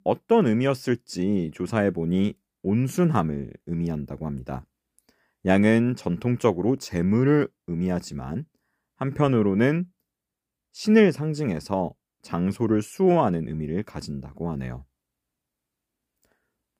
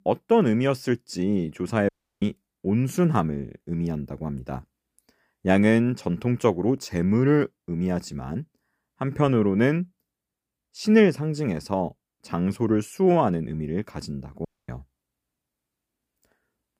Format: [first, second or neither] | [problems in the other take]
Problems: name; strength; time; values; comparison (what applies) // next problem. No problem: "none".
first | audio cutting out; at 2 s and at 14 s